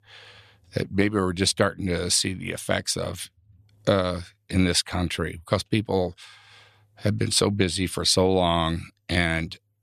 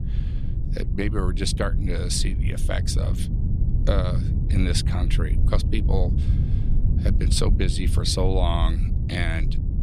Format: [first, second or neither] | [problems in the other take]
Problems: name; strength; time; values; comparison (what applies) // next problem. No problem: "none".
first | low rumble; loud; throughout; 9 dB below the speech